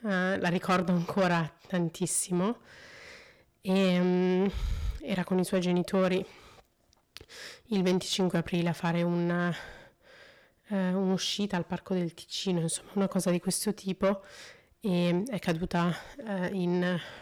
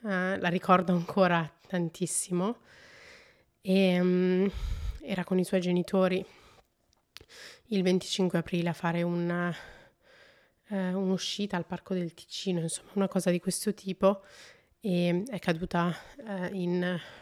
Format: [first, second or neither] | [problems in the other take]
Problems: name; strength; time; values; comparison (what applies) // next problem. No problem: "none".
second | distortion; slight; 10 dB below the speech